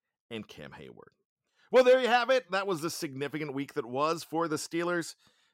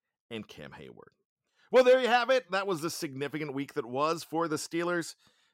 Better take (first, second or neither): neither